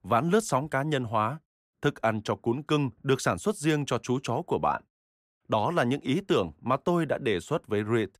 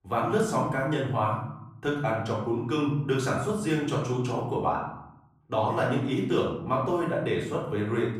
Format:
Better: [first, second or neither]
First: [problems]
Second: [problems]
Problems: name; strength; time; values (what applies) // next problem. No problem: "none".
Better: first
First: none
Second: off-mic speech; far // room echo; noticeable; dies away in 0.8 s